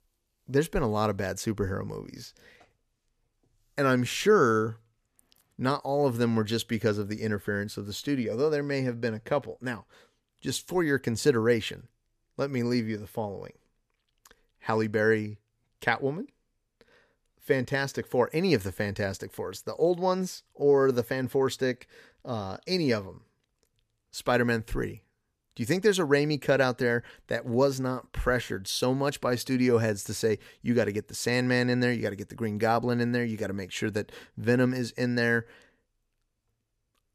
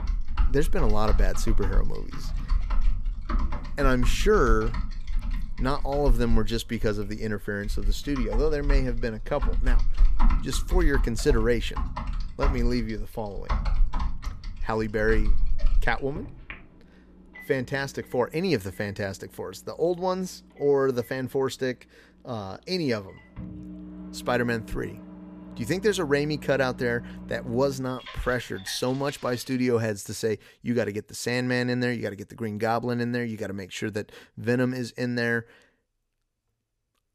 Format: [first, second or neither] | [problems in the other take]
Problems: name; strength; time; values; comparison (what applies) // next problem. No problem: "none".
first | household noises; loud; until 29 s; 5 dB below the speech